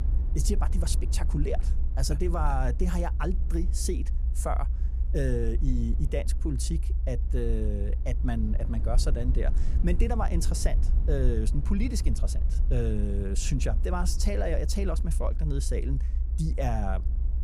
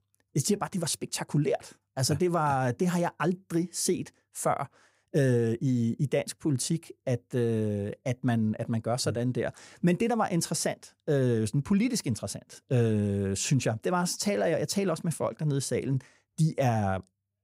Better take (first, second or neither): second